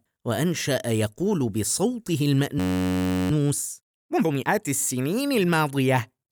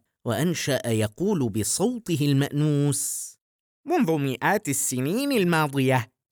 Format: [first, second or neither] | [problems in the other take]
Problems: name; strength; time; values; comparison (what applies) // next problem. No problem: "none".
second | audio freezing; at 2.5 s for 0.5 s